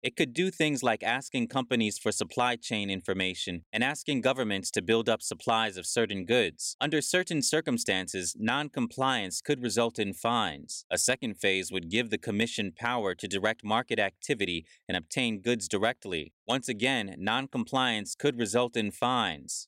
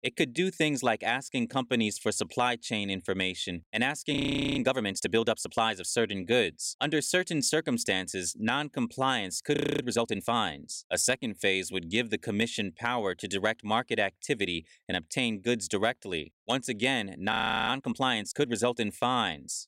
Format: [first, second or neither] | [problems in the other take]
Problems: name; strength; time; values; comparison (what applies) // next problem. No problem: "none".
first | audio freezing; at 4 s, at 9.5 s and at 17 s